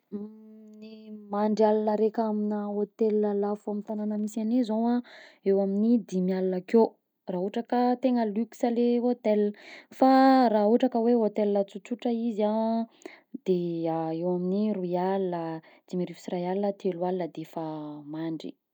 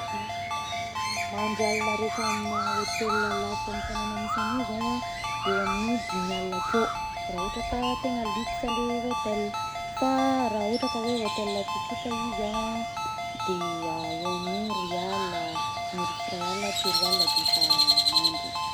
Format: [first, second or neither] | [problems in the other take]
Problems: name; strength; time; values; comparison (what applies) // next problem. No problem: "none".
first | background sound (Crow + Ringtone); 3 dB above the speech